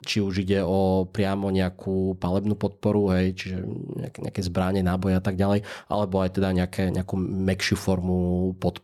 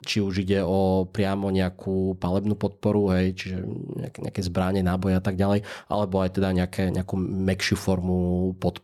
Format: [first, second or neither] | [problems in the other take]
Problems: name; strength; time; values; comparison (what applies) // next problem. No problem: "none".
neither | none